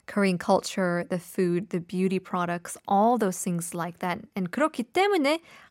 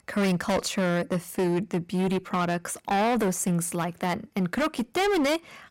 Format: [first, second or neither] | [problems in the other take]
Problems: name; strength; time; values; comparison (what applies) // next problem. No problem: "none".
first | distortion; heavy; 18% of the sound clipped